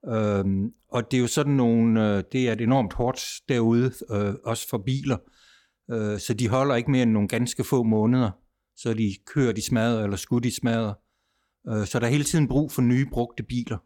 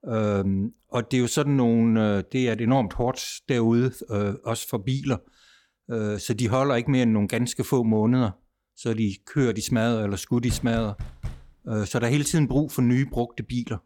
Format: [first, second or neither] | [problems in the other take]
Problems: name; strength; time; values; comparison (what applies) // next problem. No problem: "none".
first | door banging; noticeable; at 10 s; peak 10 dB below the speech